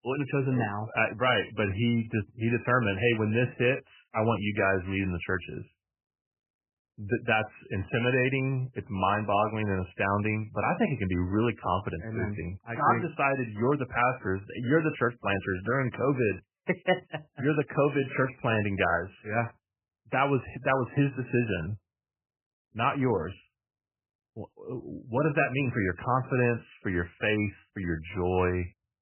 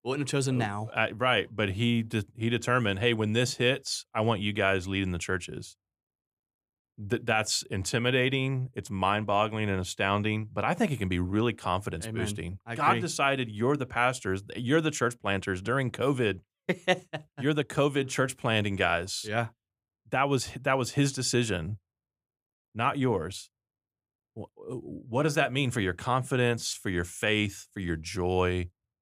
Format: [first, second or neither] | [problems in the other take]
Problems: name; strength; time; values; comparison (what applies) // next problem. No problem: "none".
second | garbled, watery; badly; nothing above 3 kHz